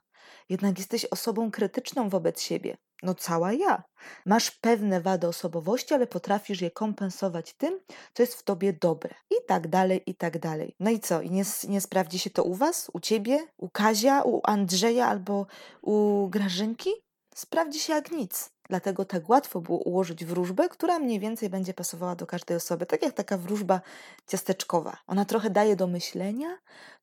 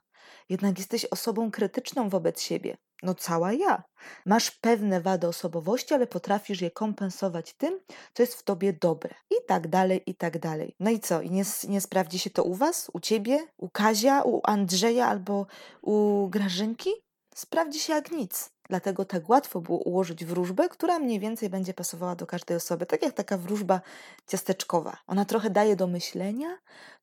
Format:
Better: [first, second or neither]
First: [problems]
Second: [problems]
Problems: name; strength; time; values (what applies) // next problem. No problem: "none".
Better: neither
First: none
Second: none